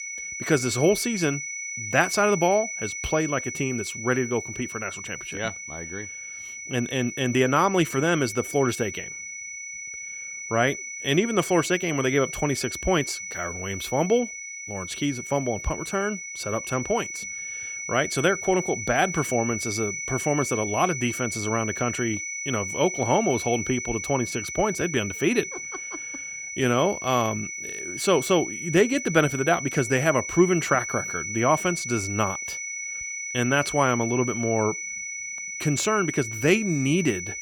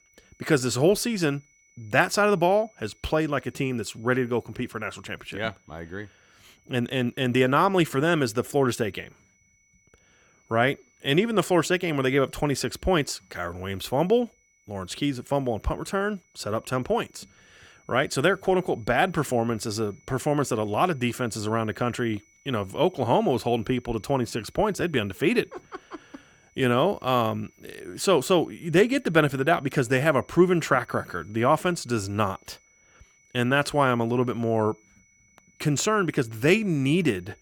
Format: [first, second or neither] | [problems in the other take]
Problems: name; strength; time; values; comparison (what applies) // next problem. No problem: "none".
second | high-pitched whine; loud; throughout; 2 kHz, 7 dB below the speech; faint in the second